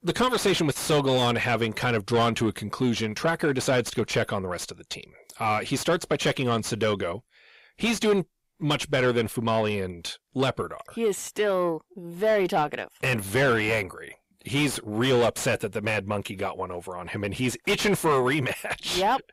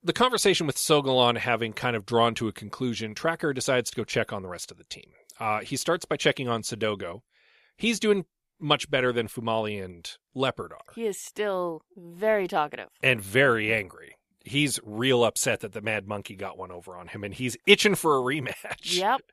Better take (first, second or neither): second